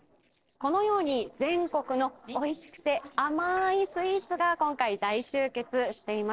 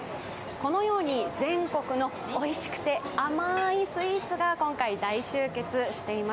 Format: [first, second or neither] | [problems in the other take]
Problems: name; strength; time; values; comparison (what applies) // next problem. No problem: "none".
second | noise reduction (neural separator model SepFormer DNS4)